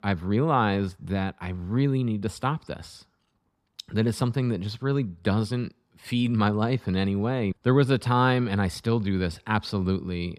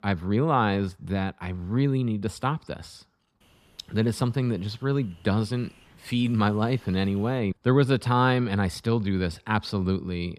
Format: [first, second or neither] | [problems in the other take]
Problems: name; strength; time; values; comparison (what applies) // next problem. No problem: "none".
first | hiss; faint; from 3.5 to 7.5 s; 30 dB below the speech